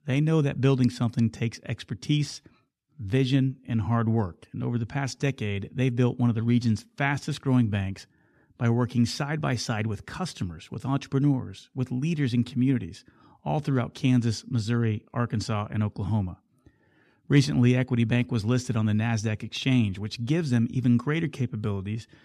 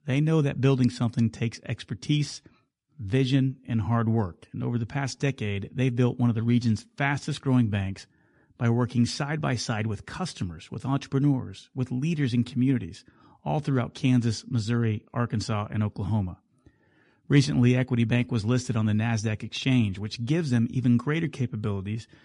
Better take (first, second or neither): first